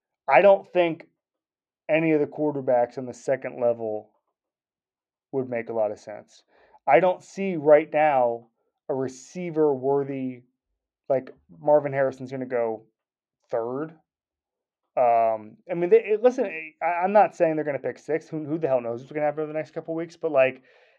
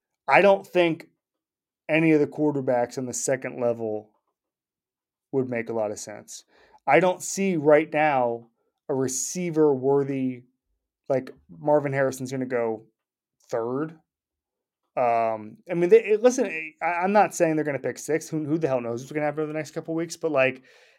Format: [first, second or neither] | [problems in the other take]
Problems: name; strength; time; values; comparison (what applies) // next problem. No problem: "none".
second | muffled; very; fading above 3 kHz